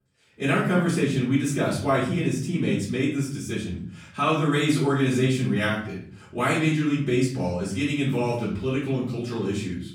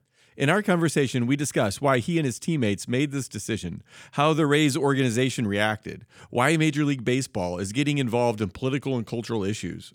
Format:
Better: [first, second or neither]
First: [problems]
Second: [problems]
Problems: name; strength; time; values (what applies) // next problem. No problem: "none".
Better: second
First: room echo; noticeable; dies away in 0.5 s // off-mic speech; far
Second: none